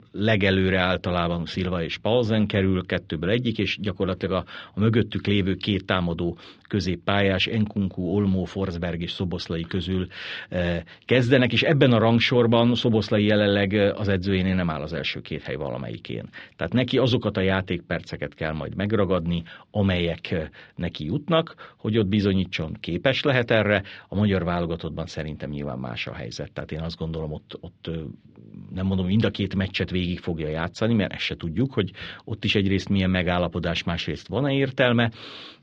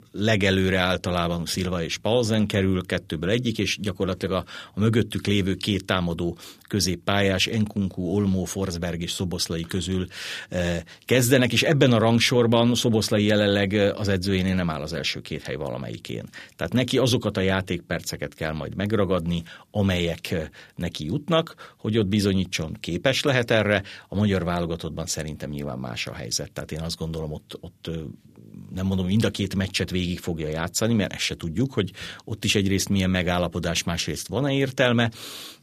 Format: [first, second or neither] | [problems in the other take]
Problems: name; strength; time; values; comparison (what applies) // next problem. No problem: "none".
second | muffled; slightly; fading above 4 kHz